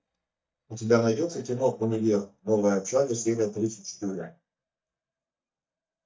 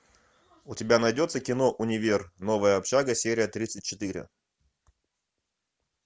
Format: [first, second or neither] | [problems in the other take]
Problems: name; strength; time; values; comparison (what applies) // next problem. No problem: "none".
second | noise reduction (neural mask model DeepFilterNet 3)